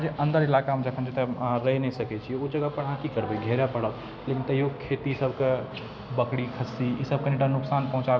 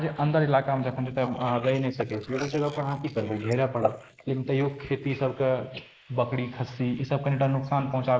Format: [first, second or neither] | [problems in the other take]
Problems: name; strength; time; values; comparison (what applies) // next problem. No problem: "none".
first | noise reduction (neural mask model Resemble Enhance denoiser)